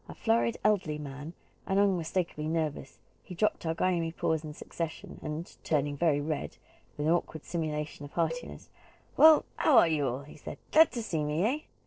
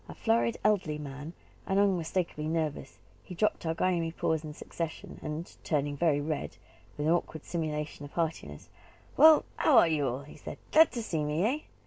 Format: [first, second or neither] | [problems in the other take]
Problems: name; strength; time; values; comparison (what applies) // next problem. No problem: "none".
second | noise reduction (neural separator model SepFormer DNS4)